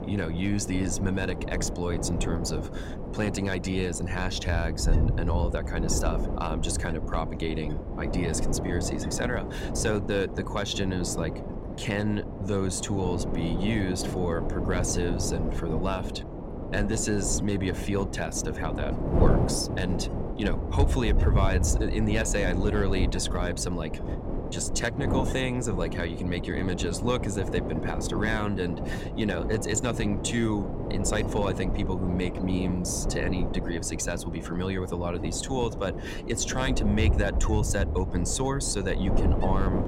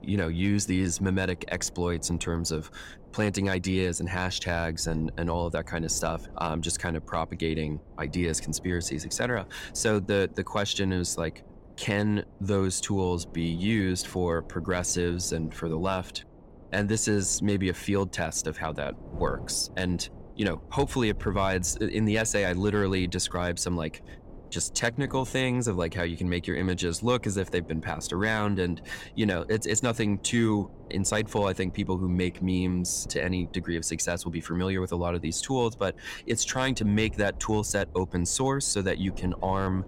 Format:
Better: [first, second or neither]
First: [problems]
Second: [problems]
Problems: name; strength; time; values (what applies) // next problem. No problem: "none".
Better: second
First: wind noise on the microphone; heavy; 5 dB below the speech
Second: wind noise on the microphone; occasional gusts; 20 dB below the speech